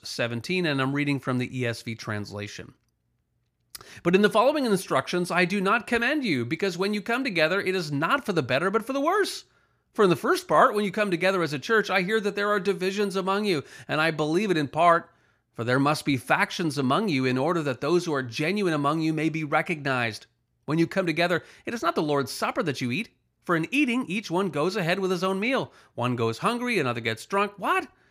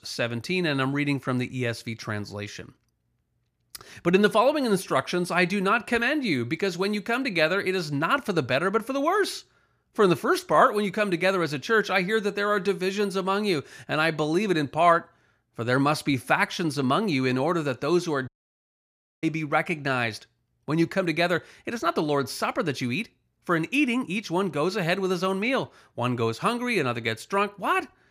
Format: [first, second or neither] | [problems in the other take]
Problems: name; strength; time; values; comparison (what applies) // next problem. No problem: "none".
first | audio cutting out; at 18 s for 1 s